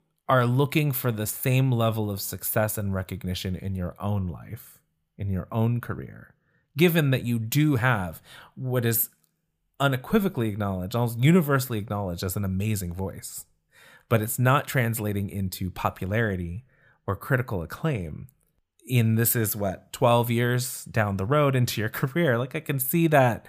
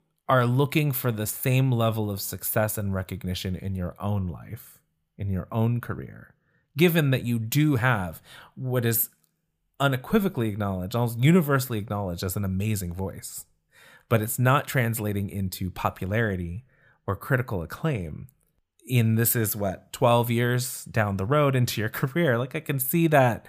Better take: neither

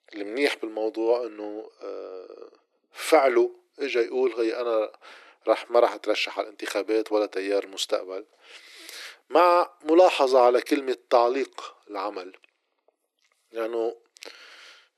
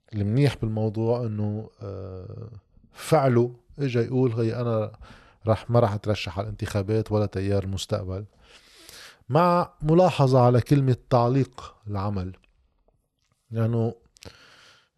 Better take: second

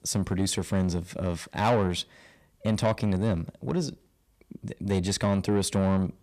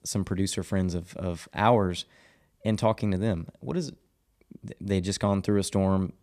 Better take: second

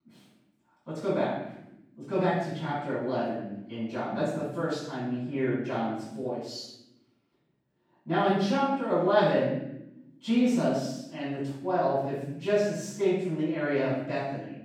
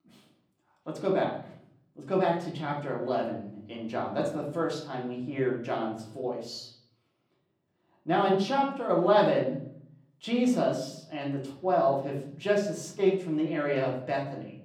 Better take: second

